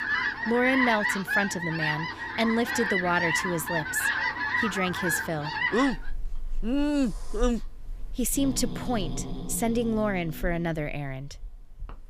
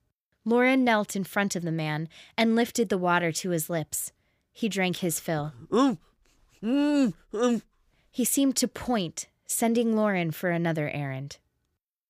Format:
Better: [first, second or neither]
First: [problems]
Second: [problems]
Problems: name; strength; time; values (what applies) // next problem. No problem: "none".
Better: second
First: animal sounds; loud; throughout; 1 dB below the speech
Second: none